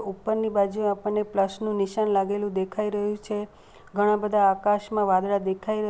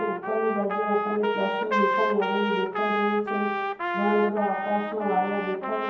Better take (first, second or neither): first